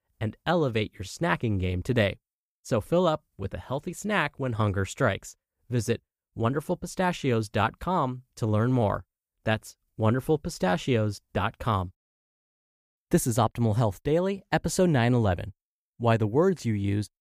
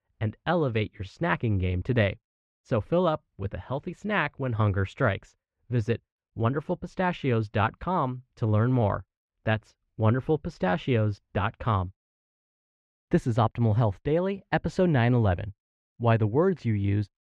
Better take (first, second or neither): first